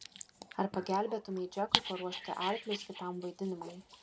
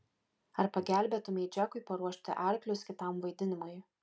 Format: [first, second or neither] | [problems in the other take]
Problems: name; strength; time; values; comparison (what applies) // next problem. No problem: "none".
second | background sound (Dog); 4 dB below the speech